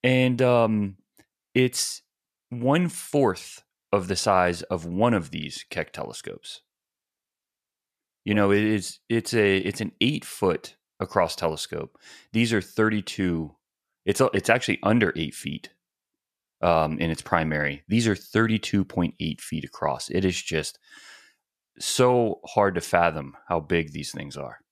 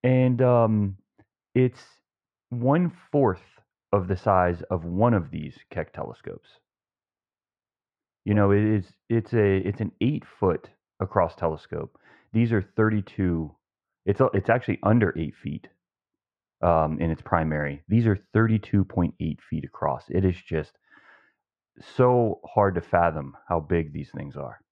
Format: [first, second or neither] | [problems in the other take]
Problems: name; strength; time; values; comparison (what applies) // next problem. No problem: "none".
first | muffled; very; fading above 1 kHz